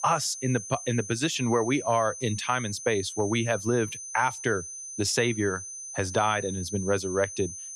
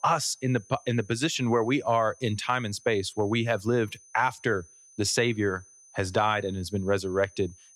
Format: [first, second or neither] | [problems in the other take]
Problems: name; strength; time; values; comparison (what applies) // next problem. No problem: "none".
second | high-pitched whine; loud; throughout; 6 kHz, 9 dB below the speech; faint in the second